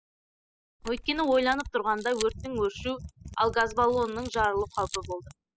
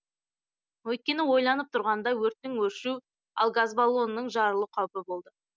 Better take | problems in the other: second | noise reduction (classical method spectral subtraction)

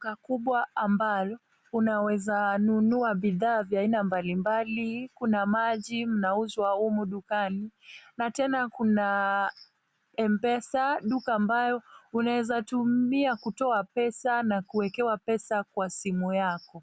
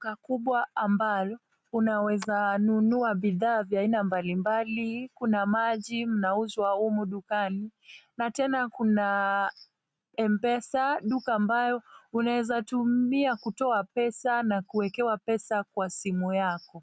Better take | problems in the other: first | noise reduction (neural mask model RNNoise)

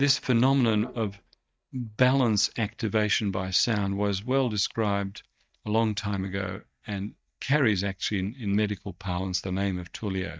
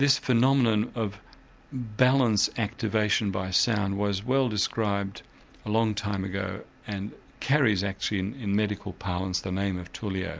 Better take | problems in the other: second | noise reduction (neural mask model DeepFilterNet 3)

